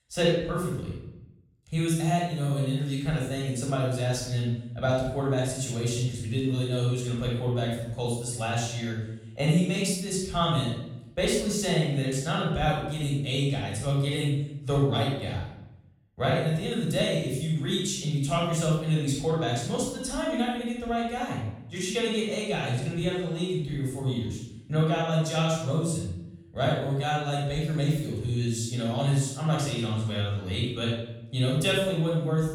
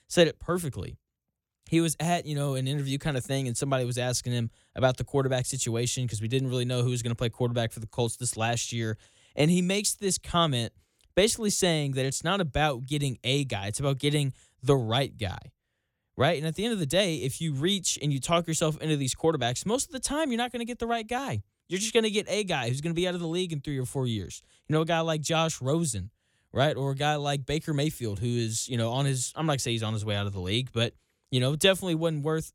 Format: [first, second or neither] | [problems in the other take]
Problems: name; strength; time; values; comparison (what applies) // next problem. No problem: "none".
second | off-mic speech; far // room echo; noticeable; dies away in 0.8 s